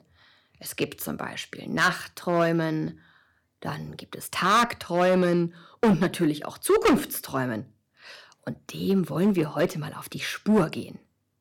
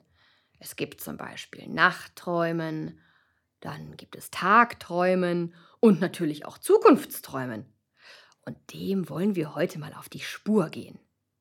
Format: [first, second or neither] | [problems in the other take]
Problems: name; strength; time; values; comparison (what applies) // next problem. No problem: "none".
second | distortion; heavy; 4% of the sound clipped